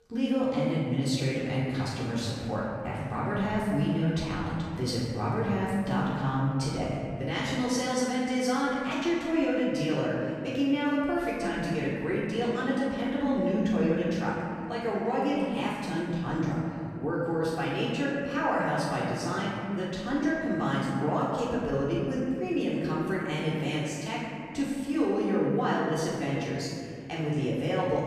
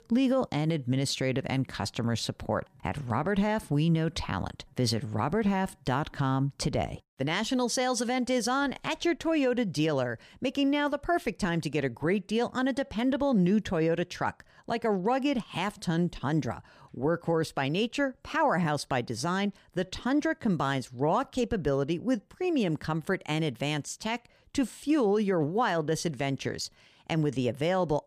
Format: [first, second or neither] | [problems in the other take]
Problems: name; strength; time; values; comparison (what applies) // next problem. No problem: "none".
second | off-mic speech; far // room echo; strong; dies away in 2.2 s